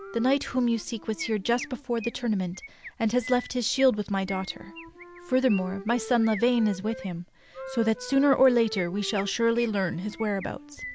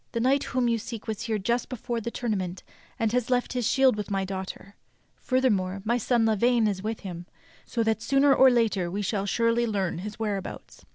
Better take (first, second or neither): second